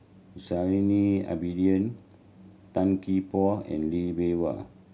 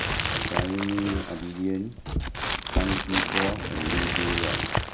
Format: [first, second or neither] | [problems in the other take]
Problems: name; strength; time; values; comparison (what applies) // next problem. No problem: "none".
first | background sound (Crumpling, crinkling); 3 dB above the speech